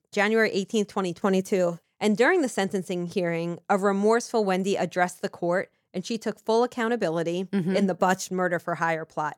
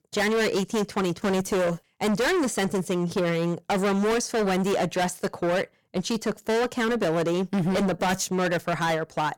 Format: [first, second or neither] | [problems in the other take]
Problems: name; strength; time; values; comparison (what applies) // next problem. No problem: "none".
first | distortion; heavy; 28% of the sound clipped